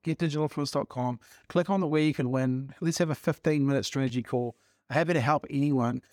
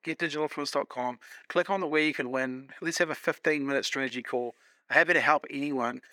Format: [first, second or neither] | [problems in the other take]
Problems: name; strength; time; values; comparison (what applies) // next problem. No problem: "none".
first | thin; somewhat; fading below 400 Hz